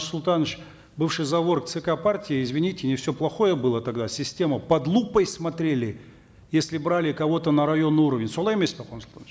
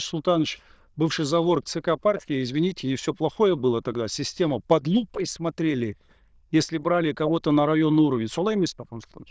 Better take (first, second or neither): first